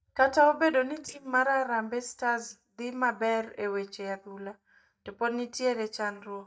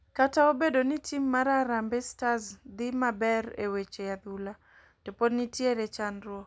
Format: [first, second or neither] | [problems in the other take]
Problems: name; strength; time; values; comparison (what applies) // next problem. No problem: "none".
second | noise reduction (neural mask model DeepFilterNet 3)